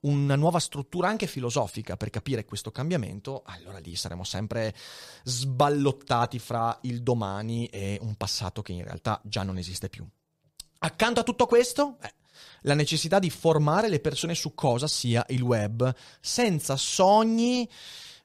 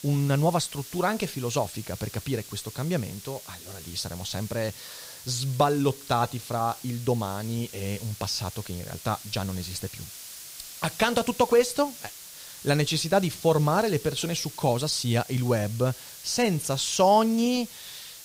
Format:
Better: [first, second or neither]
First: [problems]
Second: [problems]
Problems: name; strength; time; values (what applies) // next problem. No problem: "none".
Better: first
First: none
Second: hiss; noticeable; throughout; 15 dB below the speech